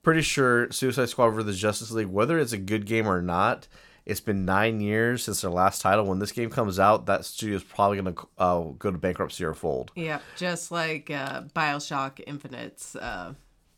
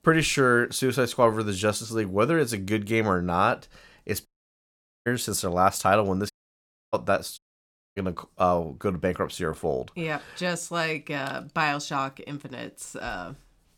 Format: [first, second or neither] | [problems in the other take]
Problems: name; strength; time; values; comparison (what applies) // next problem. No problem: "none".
first | audio cutting out; at 4.5 s for 1 s, at 6.5 s for 0.5 s and at 7.5 s for 0.5 s